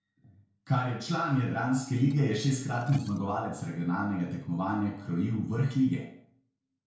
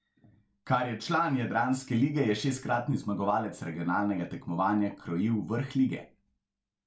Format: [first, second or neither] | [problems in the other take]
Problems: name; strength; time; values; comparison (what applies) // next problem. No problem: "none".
second | noise reduction (neural separator model SepFormer DNS4)